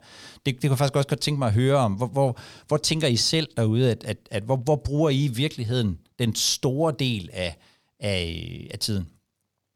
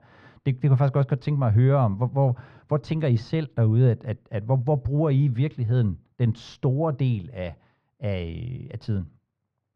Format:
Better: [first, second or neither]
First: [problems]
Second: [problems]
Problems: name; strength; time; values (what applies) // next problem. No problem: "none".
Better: first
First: none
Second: muffled; very; fading above 1.5 kHz